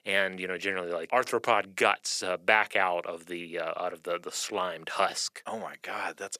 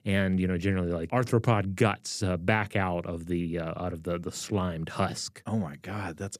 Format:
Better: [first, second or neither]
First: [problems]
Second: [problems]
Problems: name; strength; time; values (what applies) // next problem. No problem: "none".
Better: second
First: thin; very; fading below 650 Hz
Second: none